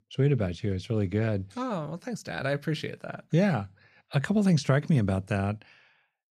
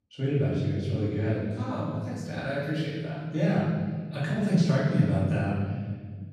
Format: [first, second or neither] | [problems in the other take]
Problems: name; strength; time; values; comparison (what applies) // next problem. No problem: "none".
first | off-mic speech; far // room echo; strong; dies away in 1.8 s